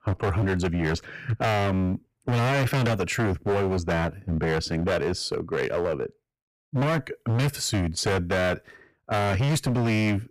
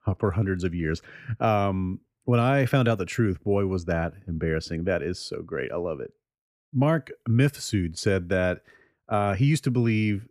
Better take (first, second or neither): second